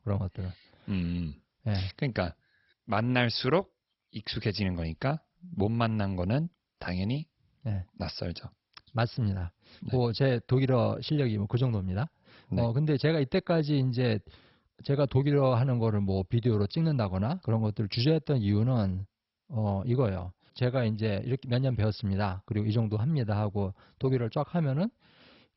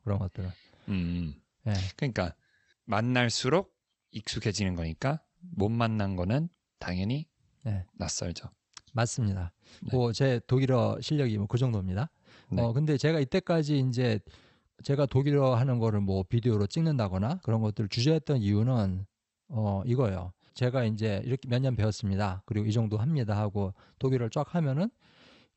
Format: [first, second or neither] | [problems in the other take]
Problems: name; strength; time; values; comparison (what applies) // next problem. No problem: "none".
second | garbled, watery; badly; nothing above 5.5 kHz; slightly in the second